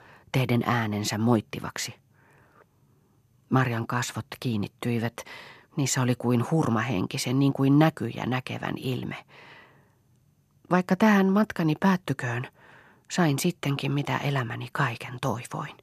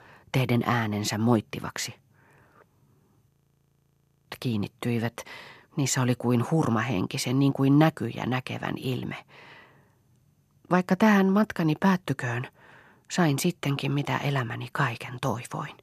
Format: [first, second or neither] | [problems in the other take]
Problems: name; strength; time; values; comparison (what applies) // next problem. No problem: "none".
first | audio freezing; at 3.5 s for 1 s